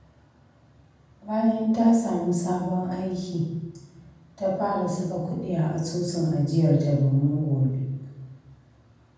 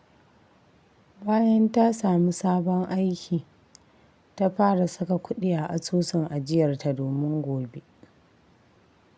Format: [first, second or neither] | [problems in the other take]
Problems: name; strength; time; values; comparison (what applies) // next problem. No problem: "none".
second | room echo; dies away in 1.2 s